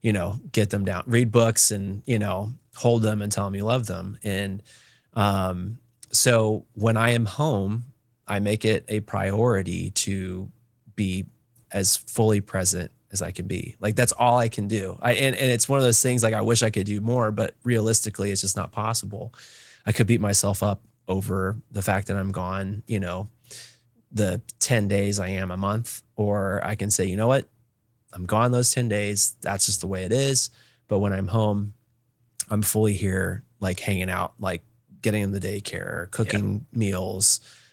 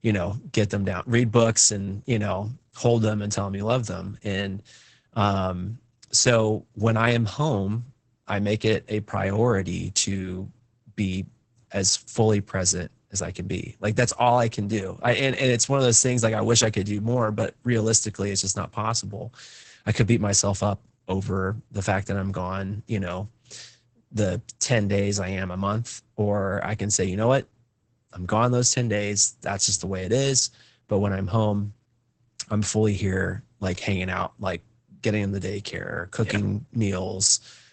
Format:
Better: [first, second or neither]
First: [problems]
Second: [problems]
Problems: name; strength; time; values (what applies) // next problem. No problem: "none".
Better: first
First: garbled, watery; slightly; nothing above 18.5 kHz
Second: garbled, watery; badly; nothing above 8 kHz